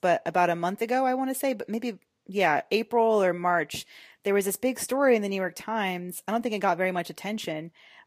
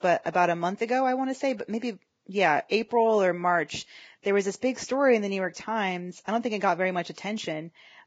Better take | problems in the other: first | garbled, watery; badly; nothing above 7.5 kHz; slightly in the first

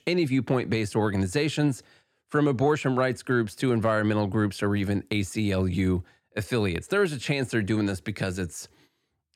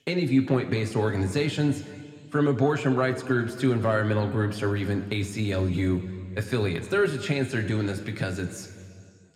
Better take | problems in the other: first | room echo; very slight; dies away in 2.1 s

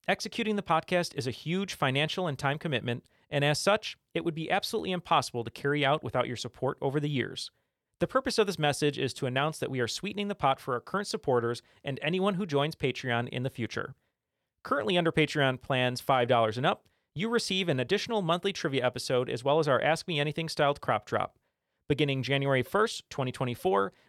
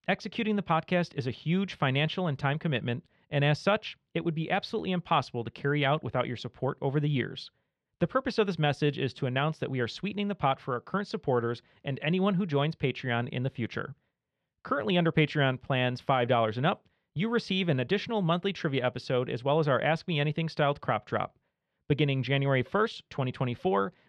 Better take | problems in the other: first | muffled; very slightly; fading above 3 kHz

